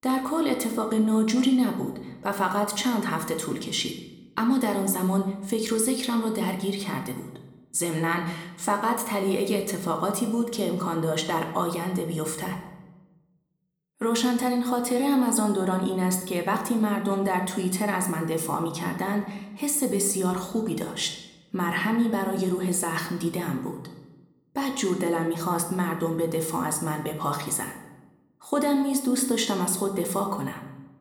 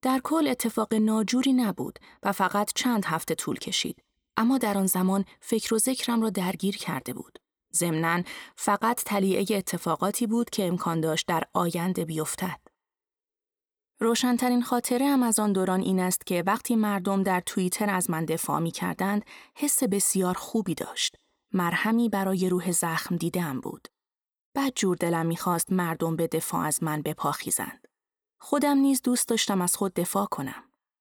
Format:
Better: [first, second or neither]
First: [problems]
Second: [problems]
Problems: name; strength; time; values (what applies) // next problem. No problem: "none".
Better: second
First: room echo; slight; dies away in 0.8 s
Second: none